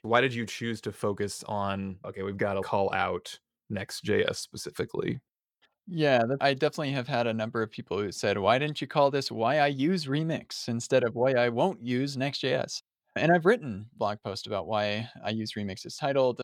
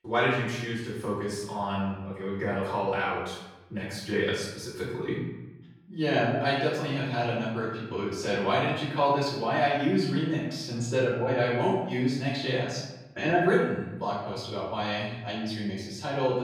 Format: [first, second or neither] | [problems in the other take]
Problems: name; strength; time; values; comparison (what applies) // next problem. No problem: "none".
first | off-mic speech; far // room echo; noticeable; dies away in 0.9 s